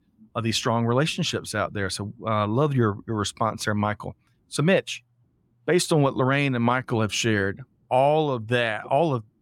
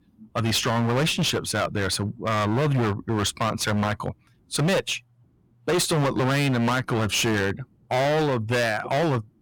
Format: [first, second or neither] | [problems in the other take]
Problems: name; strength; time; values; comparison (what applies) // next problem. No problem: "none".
first | distortion; heavy; 24% of the sound clipped